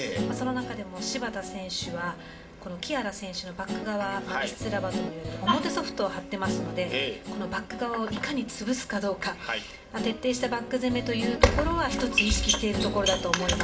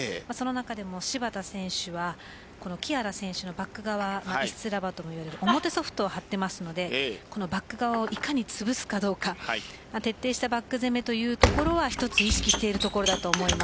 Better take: second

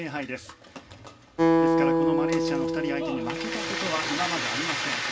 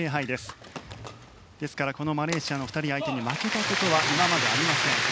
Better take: second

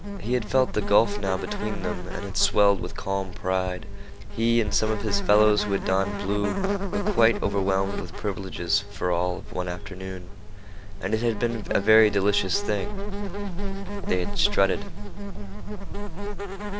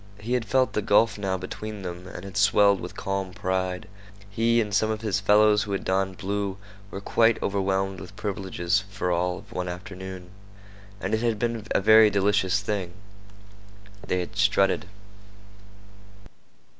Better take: second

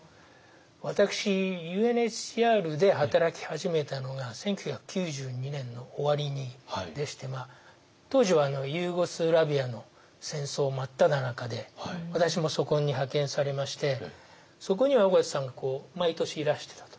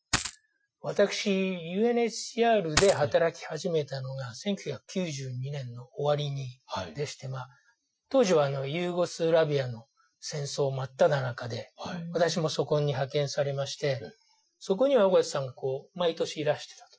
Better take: first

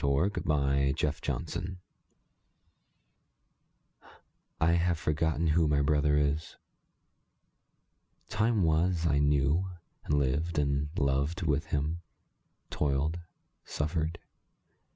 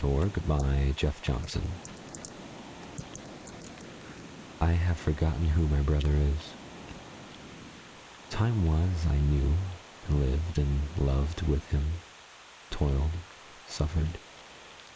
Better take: first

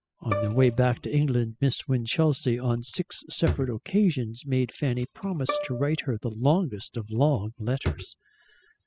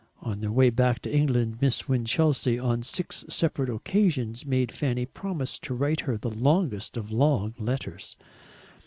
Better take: second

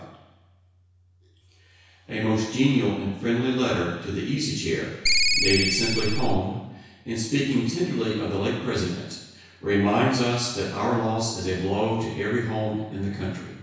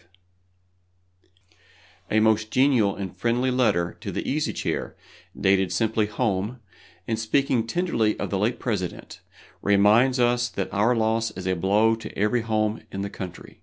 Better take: second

